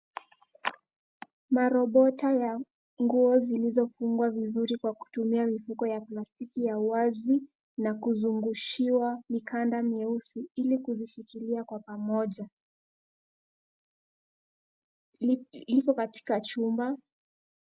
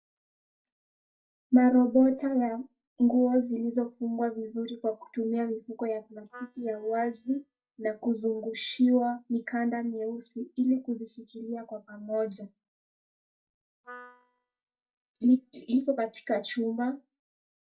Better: first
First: none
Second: noise reduction (neural mask model DeepFilterNet 3)

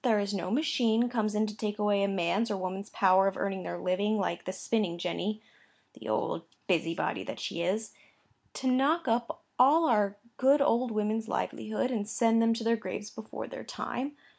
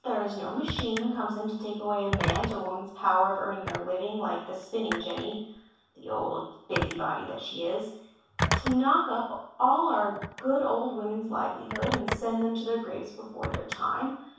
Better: first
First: none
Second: background sound (Telephone); 7 dB below the speech // room echo; dies away in 0.7 s

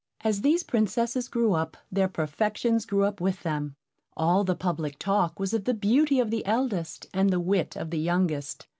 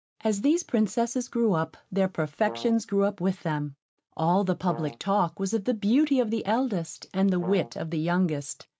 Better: first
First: none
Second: noise reduction (neural mask model RNNoise)

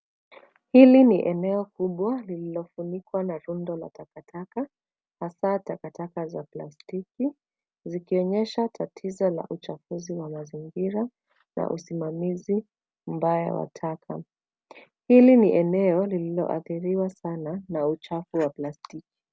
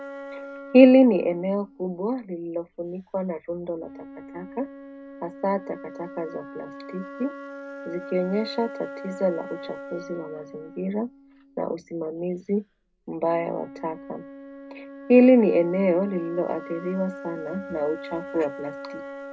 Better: first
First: none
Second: background sound (Wind instrument, woodwind instrument); 15 dB below the speech // room echo; dies away in 0.2 s

